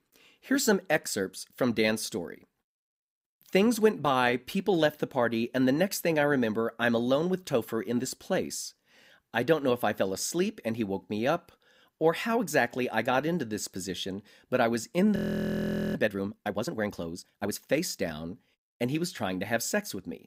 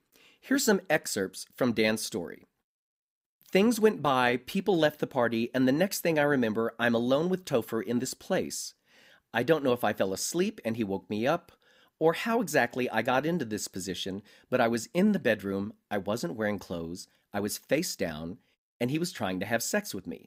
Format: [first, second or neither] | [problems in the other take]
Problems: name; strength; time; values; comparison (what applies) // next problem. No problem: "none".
second | audio freezing; at 15 s for 1 s